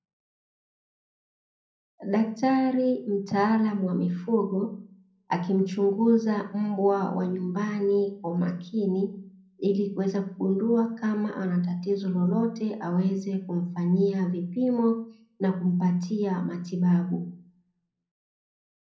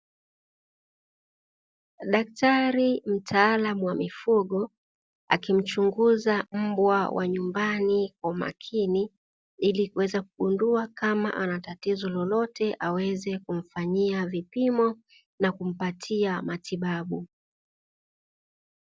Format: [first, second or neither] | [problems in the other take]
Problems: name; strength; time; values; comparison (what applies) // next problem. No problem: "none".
second | room echo; dies away in 0.6 s